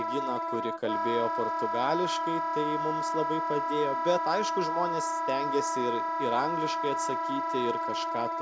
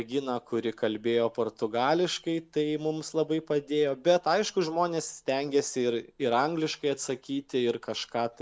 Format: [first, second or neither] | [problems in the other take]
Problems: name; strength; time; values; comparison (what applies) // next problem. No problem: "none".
second | background sound (Wind instrument, woodwind instrument); 2 dB above the speech